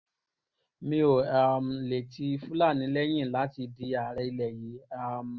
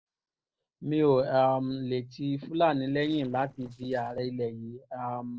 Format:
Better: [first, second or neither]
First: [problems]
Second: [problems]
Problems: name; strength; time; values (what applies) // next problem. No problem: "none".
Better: first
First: none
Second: noise reduction (neural separator model SepFormer DNS4)